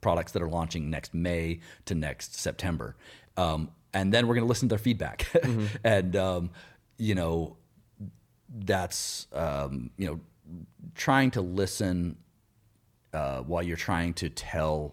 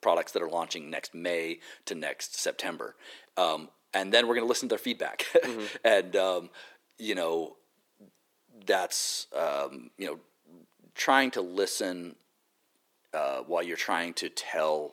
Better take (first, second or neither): first